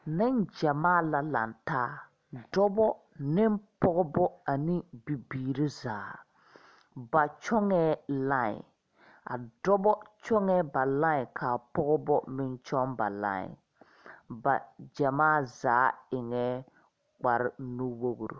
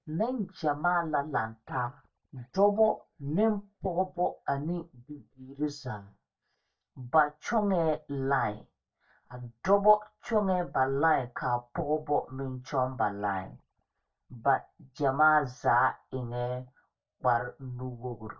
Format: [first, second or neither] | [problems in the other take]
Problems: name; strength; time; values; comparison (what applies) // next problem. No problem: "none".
first | noise reduction (neural mask model DeepFilterNet 3)